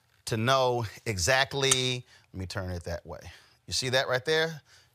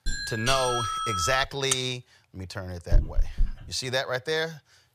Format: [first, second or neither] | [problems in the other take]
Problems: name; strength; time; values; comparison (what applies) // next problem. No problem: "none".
first | doorbell; loud; until 1.5 s; peak 1 dB above the speech // dog barking; loud; at 3 s; peak 1 dB above the speech